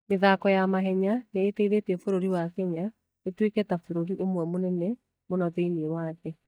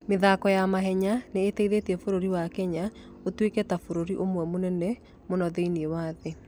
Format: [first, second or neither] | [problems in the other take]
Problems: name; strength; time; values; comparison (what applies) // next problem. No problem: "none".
second | noise reduction (neural mask model DeepFilterNet 3)